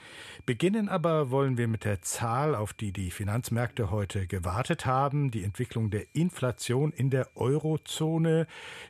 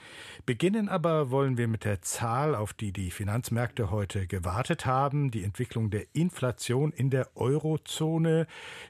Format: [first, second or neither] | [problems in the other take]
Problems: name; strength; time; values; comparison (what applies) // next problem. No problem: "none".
second | high-pitched whine; faint; throughout; 2.5 kHz, 35 dB below the speech